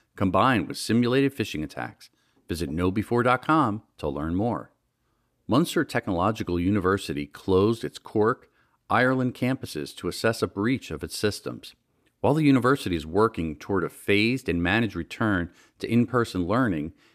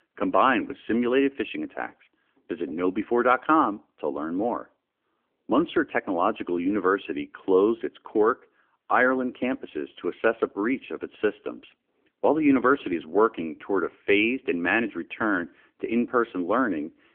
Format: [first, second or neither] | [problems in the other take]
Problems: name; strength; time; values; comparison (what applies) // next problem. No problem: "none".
first | phone-call audio